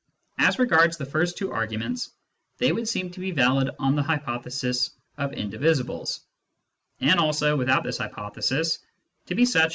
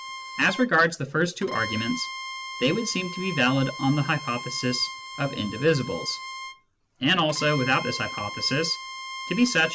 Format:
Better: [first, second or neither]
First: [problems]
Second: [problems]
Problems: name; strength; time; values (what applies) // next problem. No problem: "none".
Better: first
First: none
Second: background sound (Bowed string instrument); 11 dB below the speech